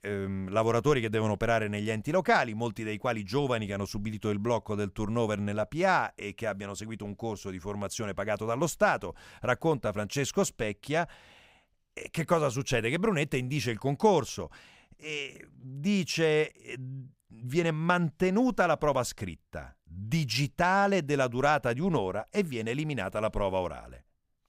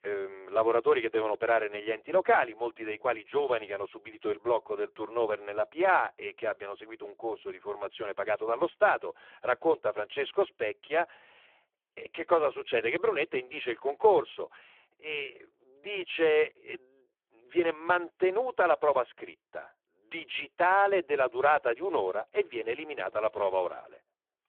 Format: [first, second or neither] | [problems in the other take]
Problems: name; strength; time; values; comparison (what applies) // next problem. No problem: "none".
first | phone-call audio; poor line